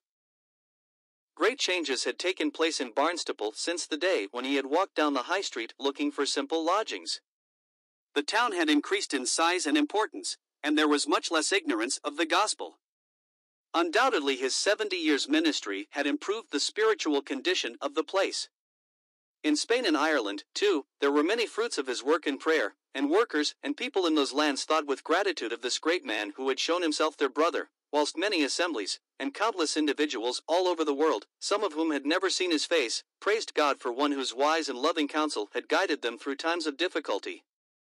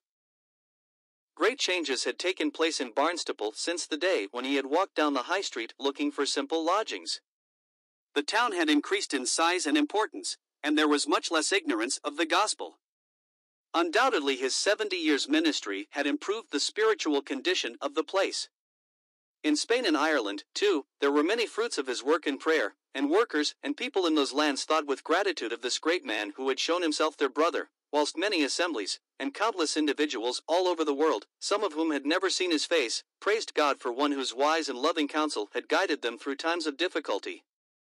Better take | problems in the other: neither | thin; very slightly; fading below 300 Hz; the same in both

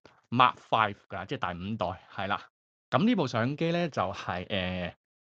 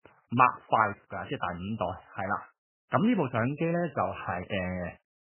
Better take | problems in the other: first | garbled, watery; badly; nothing above 3 kHz

